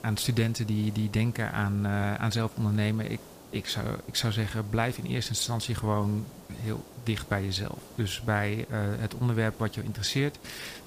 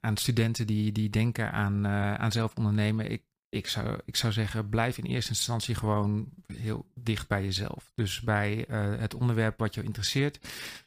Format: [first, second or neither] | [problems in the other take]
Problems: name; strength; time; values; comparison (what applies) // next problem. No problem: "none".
second | hiss; noticeable; throughout; 20 dB below the speech